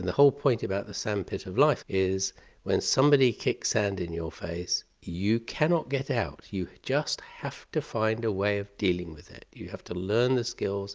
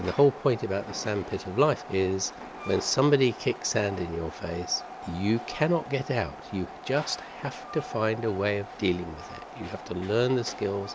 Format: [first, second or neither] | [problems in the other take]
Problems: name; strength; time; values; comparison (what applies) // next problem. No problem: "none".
first | background sound (Train); 13 dB below the speech